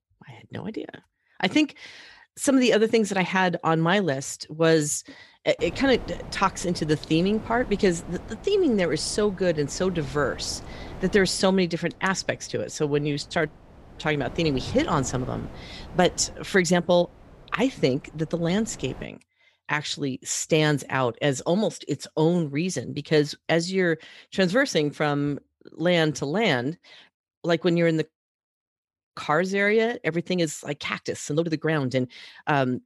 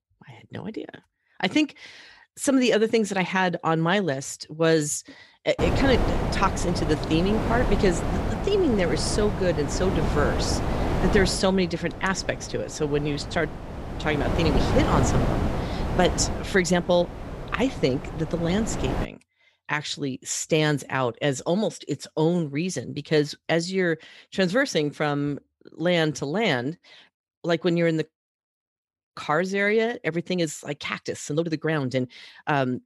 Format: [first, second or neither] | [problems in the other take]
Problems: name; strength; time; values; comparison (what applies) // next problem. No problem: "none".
first | wind noise on the microphone; heavy; from 5.5 to 19 s; 6 dB below the speech; occasional gusts in the first